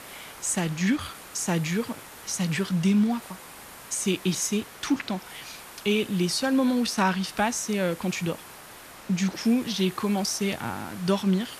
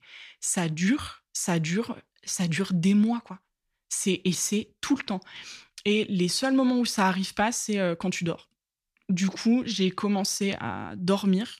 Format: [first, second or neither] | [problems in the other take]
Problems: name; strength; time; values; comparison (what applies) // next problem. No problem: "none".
second | hiss; noticeable; throughout; 15 dB below the speech